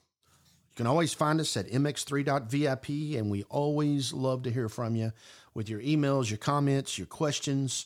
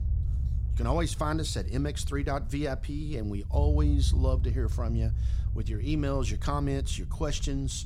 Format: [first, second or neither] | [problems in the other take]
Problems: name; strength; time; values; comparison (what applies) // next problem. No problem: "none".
first | low rumble; noticeable; throughout; 15 dB below the speech